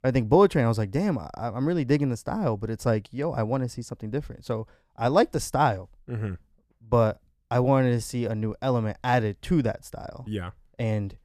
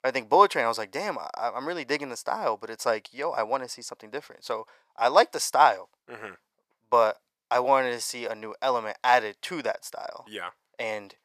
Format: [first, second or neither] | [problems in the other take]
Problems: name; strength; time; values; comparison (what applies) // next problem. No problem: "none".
first | thin; very; fading below 750 Hz